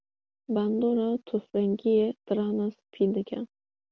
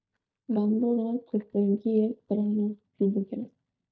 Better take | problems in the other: first | noise reduction (neural mask model DeepFilterNet 3)

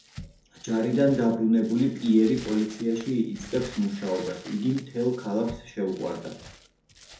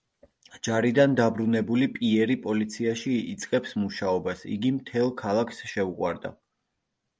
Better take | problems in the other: second | background sound (Crumpling, crinkling); 20 dB below the speech // room echo; dies away in 0.6 s

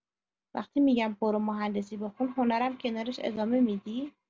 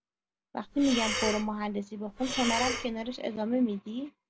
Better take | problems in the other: first | background sound (Breathing); 4 dB below the speech

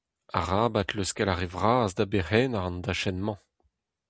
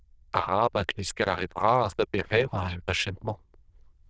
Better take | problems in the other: first | noise reduction (neural diffusion model UNIVERSE++)

